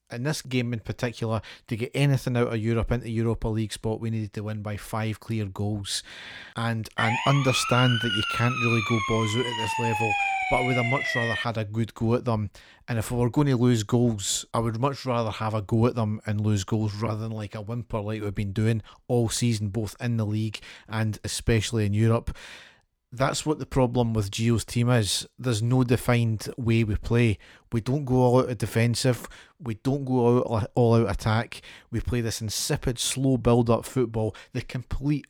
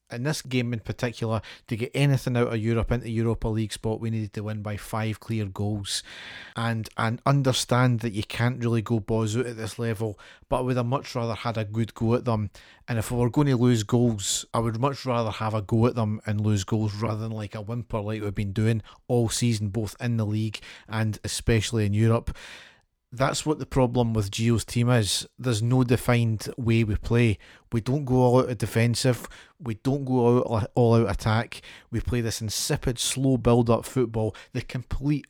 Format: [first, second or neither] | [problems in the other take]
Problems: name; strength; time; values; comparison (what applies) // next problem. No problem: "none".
second | siren; loud; from 7 to 11 s; peak 2 dB above the speech